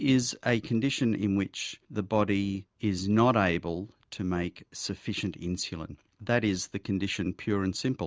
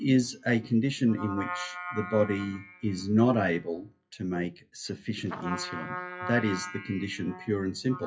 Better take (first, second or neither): first